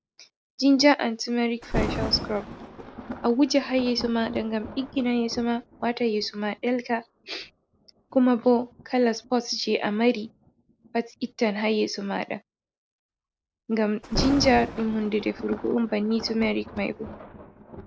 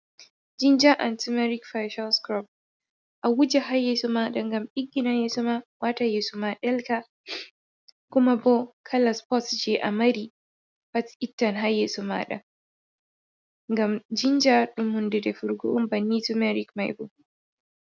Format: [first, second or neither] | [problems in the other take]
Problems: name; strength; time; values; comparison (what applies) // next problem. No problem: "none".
second | background sound (Thunder); 12 dB below the speech